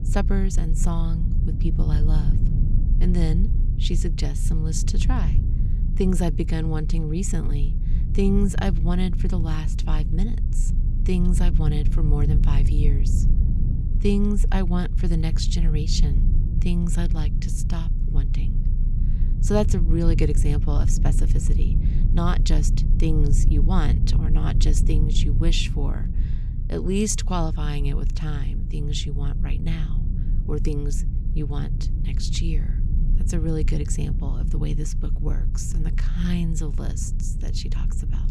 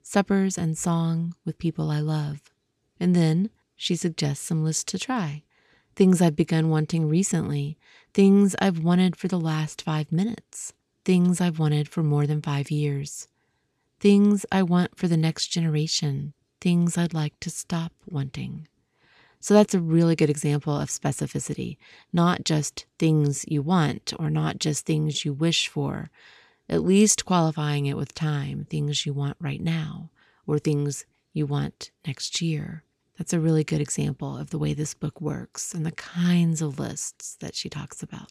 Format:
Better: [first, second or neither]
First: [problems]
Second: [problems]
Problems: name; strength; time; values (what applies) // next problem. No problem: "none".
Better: second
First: low rumble; loud; throughout; 8 dB below the speech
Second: none